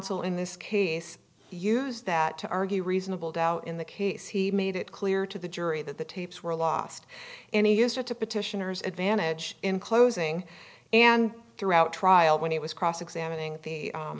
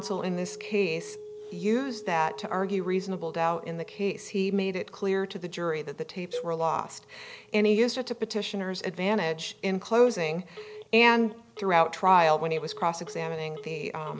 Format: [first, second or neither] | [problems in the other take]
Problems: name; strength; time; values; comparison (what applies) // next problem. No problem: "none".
first | background sound (Cowbell + Telephone); 17 dB below the speech